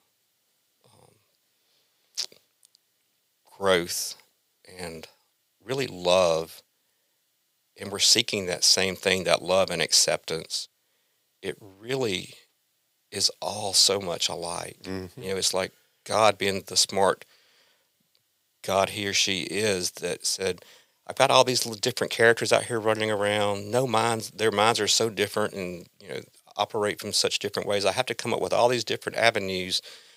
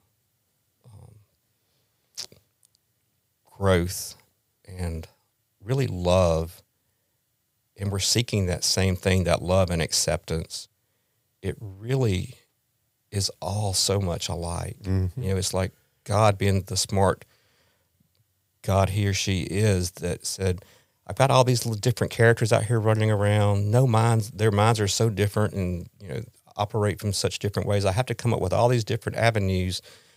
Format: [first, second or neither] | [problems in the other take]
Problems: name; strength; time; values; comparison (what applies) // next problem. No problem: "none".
second | thin; somewhat; fading below 300 Hz